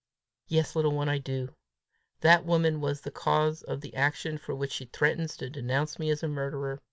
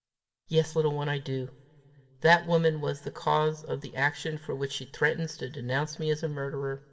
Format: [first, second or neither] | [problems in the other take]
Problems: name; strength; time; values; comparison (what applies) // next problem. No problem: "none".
first | room echo; dies away in 1.4 s